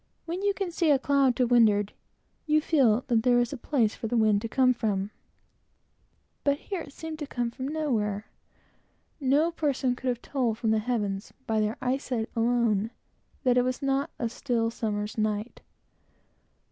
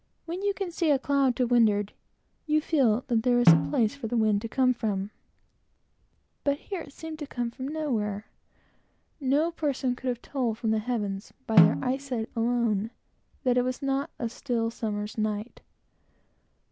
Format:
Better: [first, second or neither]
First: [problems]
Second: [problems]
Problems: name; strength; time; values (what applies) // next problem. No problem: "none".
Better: first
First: none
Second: background sound (Snare drum); as loud as the speech